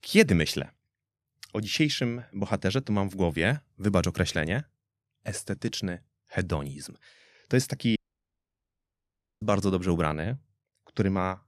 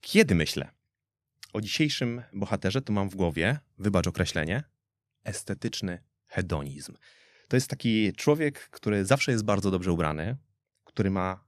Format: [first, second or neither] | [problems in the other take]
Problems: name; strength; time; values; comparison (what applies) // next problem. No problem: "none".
second | audio cutting out; at 8 s for 1.5 s